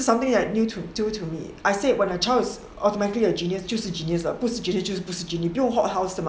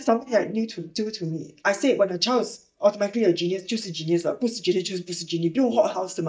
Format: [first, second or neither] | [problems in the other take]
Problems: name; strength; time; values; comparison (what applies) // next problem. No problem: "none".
first | noise reduction (neural mask model DeepFilterNet 3)